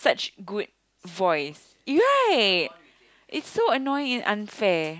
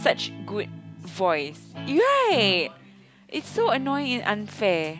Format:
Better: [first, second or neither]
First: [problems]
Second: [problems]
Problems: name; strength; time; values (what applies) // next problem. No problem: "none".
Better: first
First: none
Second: background sound (Guitar); 15 dB below the speech